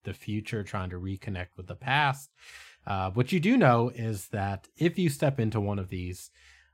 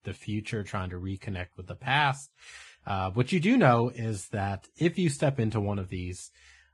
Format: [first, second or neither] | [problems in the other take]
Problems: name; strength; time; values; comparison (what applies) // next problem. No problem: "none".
first | garbled, watery; badly; nothing above 10 kHz